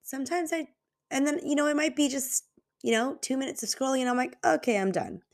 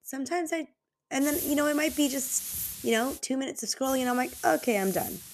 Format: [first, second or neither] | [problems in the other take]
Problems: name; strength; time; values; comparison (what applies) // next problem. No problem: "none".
first | hiss; loud; from 1 to 3 s and from 4 s on; 8 dB below the speech